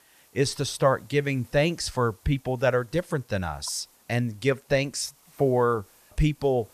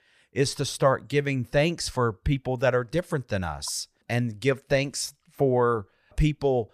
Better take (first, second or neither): second